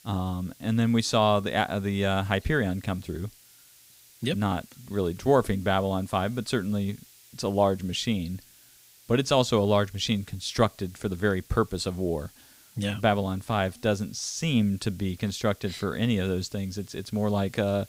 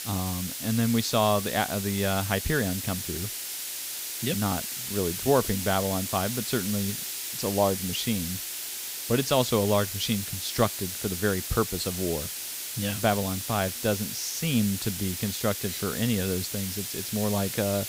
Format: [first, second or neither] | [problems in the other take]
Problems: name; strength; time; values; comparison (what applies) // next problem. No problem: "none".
first | hiss; loud; throughout; 4 dB below the speech; faint in the first